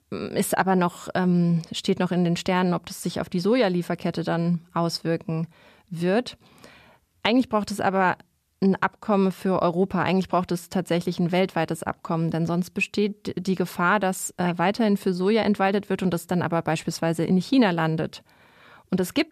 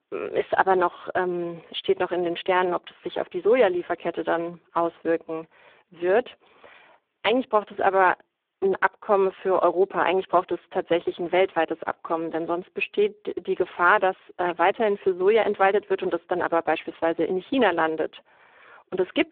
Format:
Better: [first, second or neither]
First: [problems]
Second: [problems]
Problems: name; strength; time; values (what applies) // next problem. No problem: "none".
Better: first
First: none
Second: phone-call audio; poor line